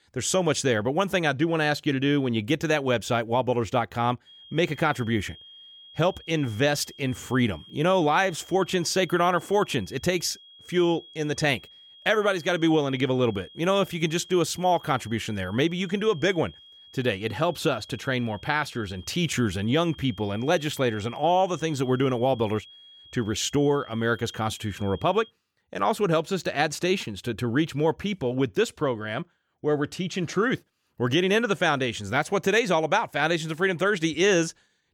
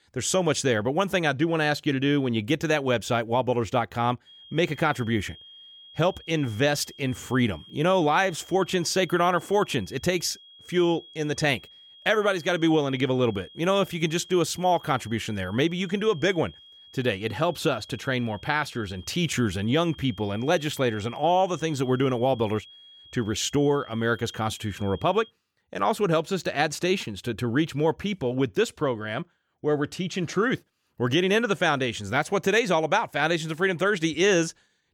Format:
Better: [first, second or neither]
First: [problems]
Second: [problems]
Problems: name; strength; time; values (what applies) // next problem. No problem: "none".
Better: neither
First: high-pitched whine; faint; from 4.5 to 25 s; 3 kHz, 20 dB below the speech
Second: high-pitched whine; faint; from 4.5 to 25 s; 3 kHz, 20 dB below the speech